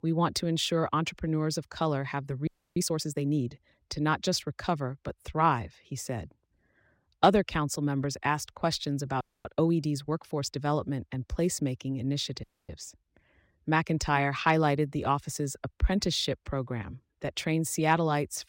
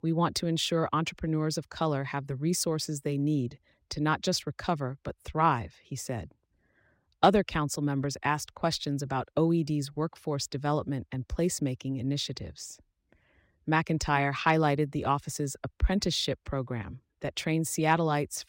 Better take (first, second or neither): second